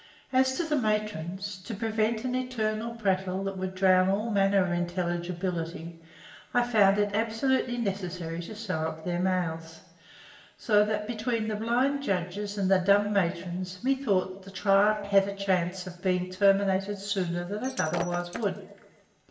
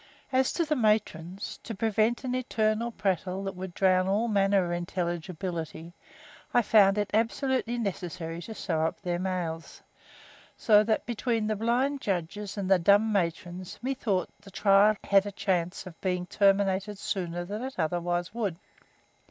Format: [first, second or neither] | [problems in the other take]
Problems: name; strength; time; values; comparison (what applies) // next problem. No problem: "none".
second | background sound (Shatter); 12 dB below the speech // room echo; dies away in 0.7 s